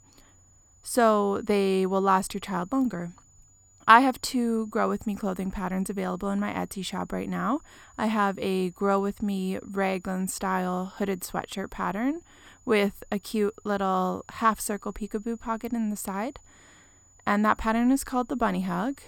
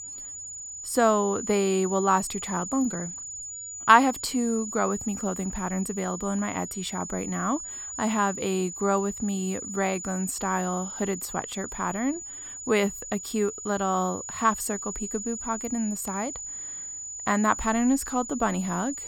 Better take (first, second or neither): first